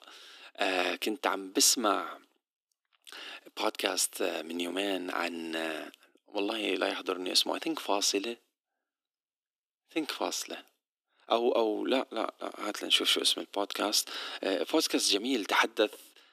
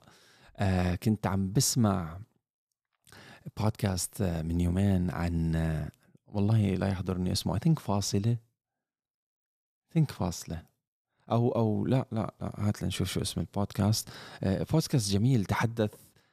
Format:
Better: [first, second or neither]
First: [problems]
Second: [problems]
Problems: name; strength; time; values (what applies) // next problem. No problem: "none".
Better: second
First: thin; very; fading below 300 Hz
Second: none